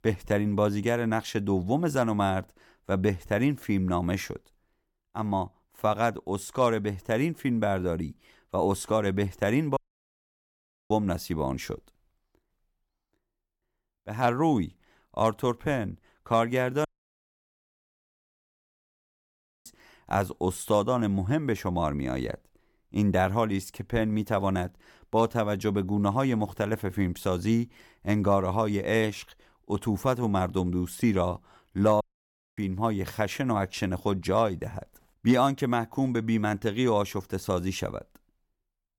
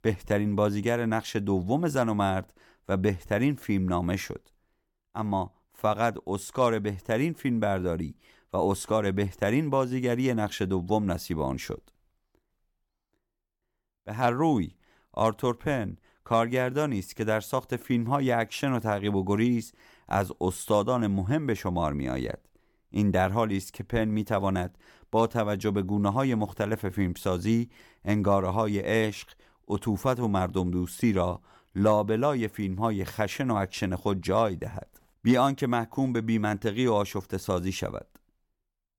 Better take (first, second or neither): second